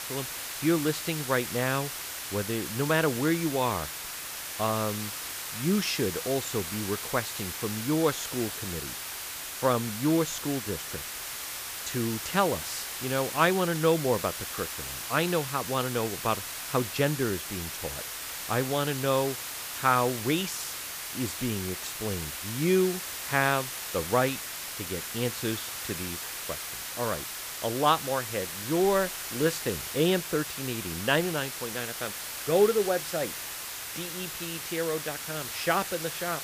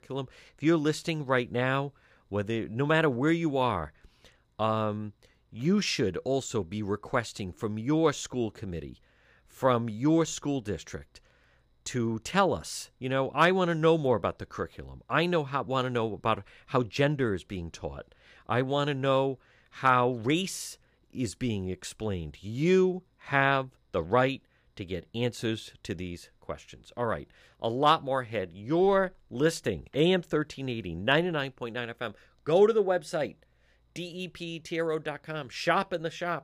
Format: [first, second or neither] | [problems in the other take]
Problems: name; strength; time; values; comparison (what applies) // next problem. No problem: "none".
second | hiss; loud; throughout; 5 dB below the speech